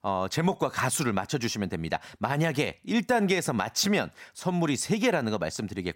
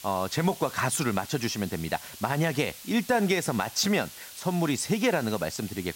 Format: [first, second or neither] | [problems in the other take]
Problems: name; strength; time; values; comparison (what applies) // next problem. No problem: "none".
first | hiss; noticeable; throughout; 15 dB below the speech